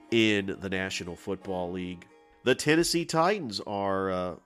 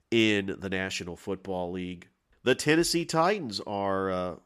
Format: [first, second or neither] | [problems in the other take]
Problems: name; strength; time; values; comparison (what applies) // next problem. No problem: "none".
second | background music; faint; throughout; 25 dB below the speech